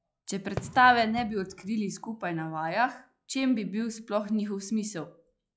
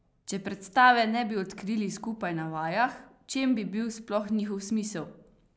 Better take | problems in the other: second | noise reduction (classical method log-MMSE)

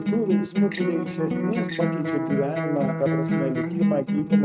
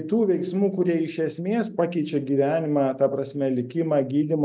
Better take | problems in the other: second | noise reduction (neural mask model RNNoise)

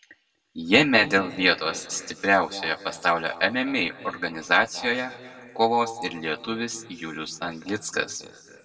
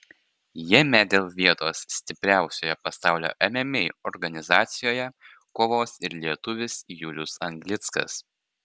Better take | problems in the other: second | room echo; dies away in 1.6 s

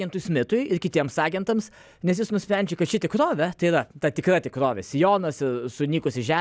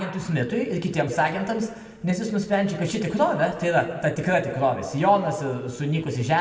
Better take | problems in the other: first | room echo; dies away in 1.4 s

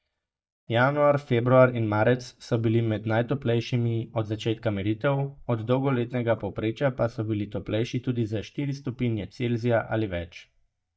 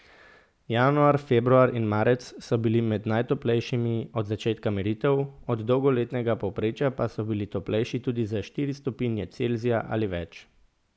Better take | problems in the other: second | noise reduction (neural mask model DeepFilterNet 3)

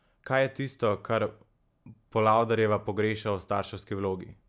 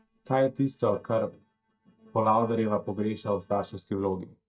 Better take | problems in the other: first | noise reduction (neural mask model DeepFilterNet 3)

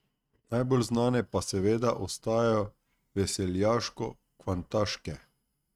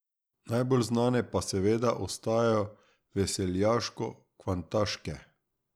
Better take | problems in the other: second | noise reduction (neural mask model RNNoise)

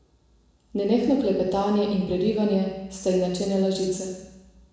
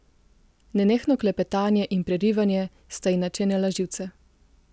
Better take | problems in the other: second | room echo; dies away in 1 s

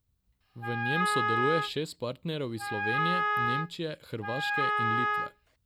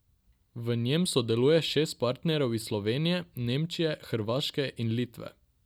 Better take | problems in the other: second | background sound (Wind instrument, woodwind instrument); 4 dB above the speech

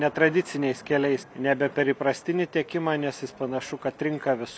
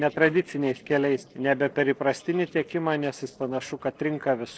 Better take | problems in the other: first | noise reduction (neural separator model SepFormer DNS4)

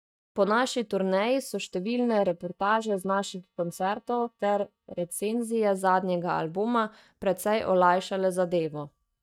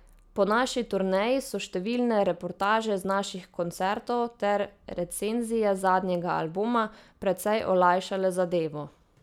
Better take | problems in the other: second | noise reduction (neural mask model DeepFilterNet 3)

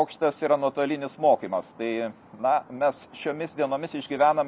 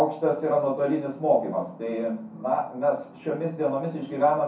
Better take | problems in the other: first | room echo; dies away in 0.6 s

